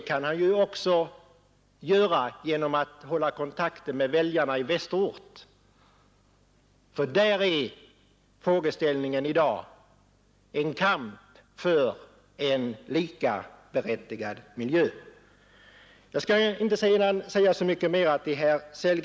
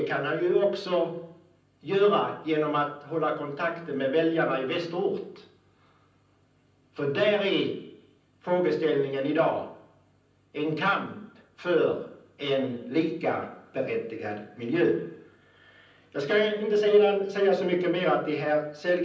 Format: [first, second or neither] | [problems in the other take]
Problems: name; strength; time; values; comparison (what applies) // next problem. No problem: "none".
first | room echo; dies away in 0.6 s